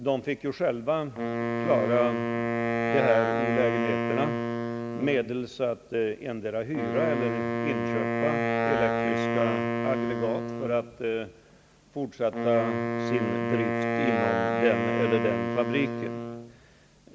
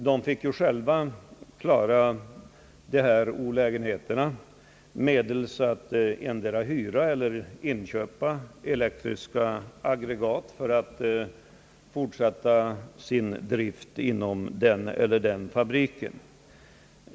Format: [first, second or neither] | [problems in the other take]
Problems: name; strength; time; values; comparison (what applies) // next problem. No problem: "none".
second | background sound (Wind instrument, woodwind instrument); as loud as the speech